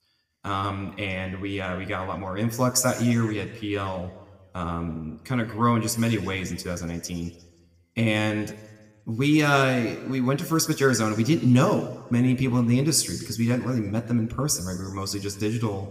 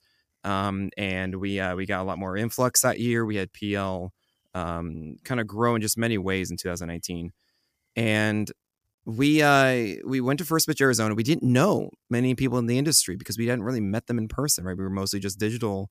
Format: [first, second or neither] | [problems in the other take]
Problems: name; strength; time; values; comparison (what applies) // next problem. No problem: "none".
second | room echo; slight; dies away in 1.2 s